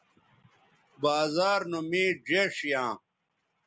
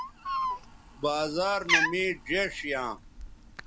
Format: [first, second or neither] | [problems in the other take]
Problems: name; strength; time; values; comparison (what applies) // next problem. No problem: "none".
first | background sound (Cat); 1 dB below the speech